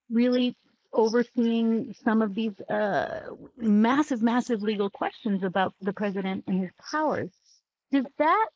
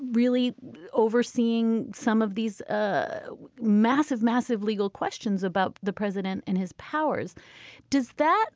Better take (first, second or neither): second